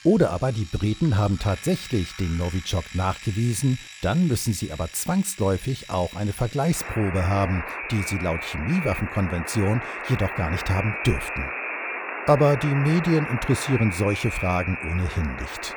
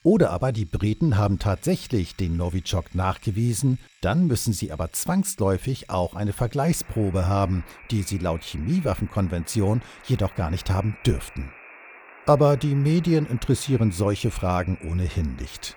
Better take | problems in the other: second | alarms or sirens; loud; throughout; 8 dB below the speech; faint in the second

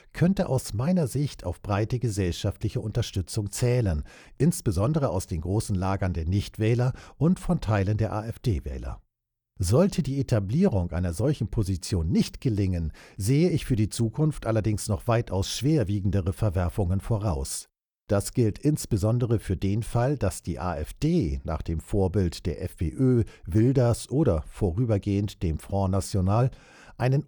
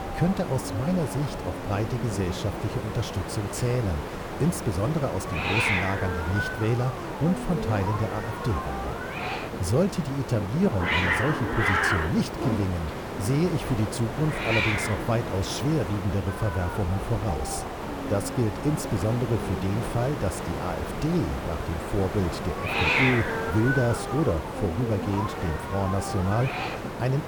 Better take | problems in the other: first | hiss; loud; throughout; 2 dB below the speech

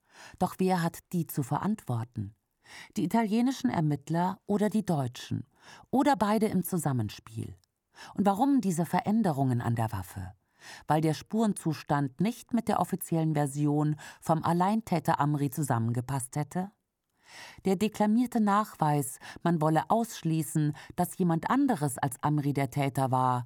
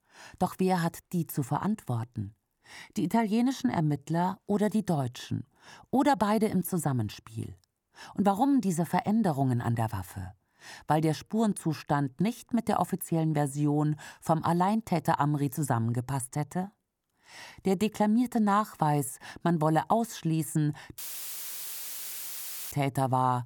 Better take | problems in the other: first | audio cutting out; filled with static; at 21 s for 1.5 s

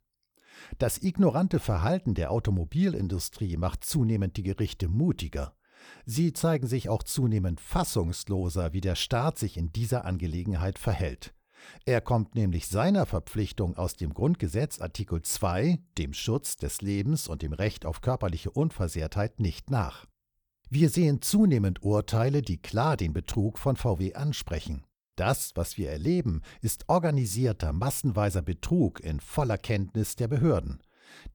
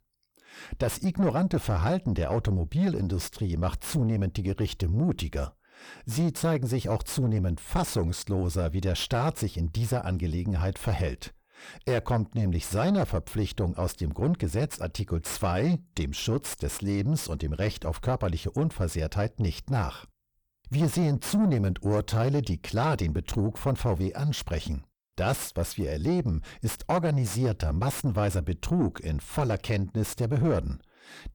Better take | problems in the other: first | distortion; slight; 10 dB below the speech

